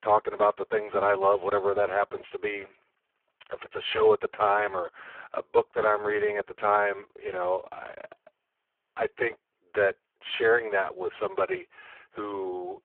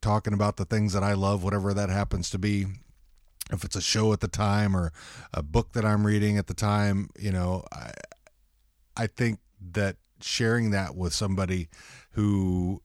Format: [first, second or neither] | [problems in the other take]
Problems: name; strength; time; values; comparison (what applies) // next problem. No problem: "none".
second | phone-call audio; poor line